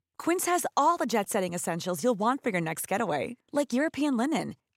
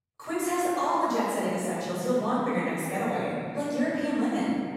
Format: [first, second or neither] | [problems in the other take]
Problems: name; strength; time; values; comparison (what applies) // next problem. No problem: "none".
first | off-mic speech; far // room echo; strong; dies away in 2.2 s